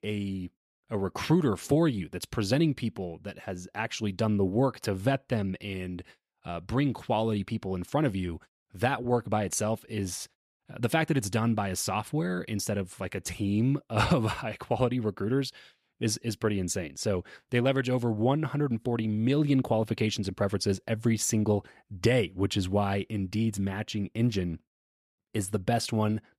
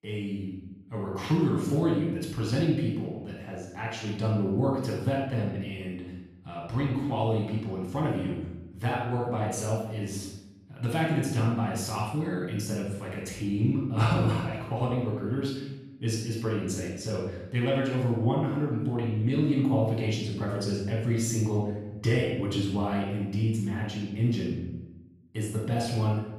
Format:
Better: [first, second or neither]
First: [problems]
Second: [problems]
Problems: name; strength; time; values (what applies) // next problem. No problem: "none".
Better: first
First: none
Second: off-mic speech; far // room echo; noticeable; dies away in 0.9 s